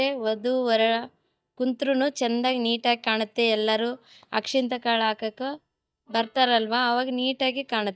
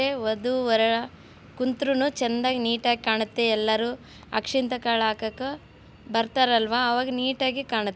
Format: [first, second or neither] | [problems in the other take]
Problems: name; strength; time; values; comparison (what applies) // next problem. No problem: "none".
second | noise reduction (neural mask model DeepFilterNet 3)